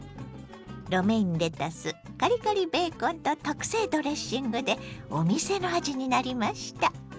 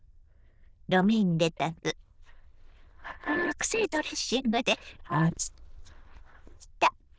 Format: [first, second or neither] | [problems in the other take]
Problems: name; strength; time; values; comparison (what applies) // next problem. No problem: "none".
first | noise reduction (neural diffusion model UNIVERSE++)